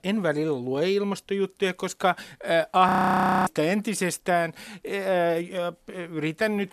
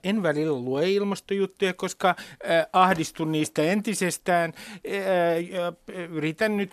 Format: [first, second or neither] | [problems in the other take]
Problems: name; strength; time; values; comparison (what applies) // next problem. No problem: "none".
second | audio freezing; at 3 s for 0.5 s